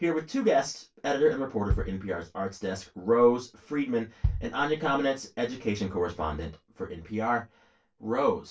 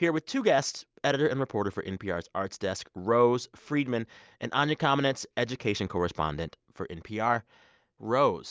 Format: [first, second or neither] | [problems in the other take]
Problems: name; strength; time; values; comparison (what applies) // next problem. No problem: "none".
second | background sound (Bass drum); 7 dB below the speech // room echo; dies away in 0.2 s